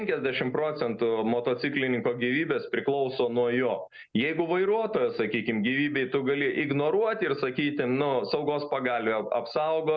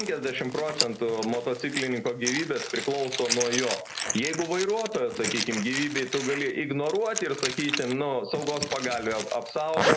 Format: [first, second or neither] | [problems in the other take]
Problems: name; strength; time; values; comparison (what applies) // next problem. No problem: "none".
first | noise reduction (neural mask model Resemble Enhance denoiser)